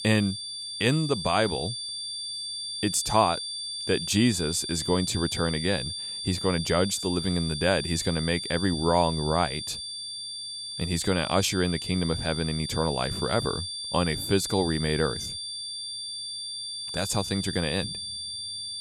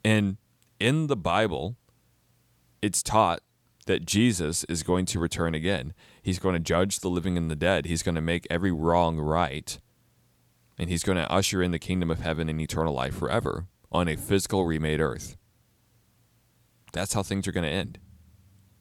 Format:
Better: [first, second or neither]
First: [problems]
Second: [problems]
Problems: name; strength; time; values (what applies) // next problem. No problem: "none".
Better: second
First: high-pitched whine; loud; throughout; 4.5 kHz, 5 dB below the speech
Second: none